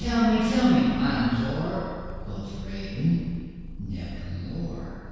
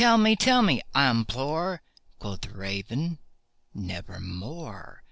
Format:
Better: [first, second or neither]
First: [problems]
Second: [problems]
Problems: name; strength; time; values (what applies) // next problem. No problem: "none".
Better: second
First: background sound (Purr); 12 dB below the speech // room echo; dies away in 2 s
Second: none